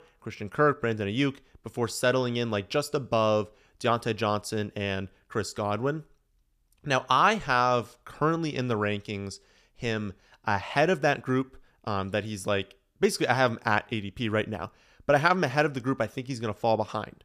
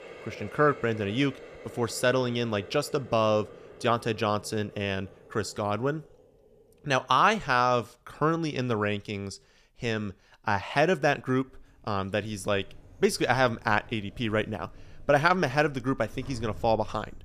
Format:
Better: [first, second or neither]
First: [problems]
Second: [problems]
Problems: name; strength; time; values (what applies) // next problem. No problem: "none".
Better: first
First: none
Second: household noises; faint; throughout; 20 dB below the speech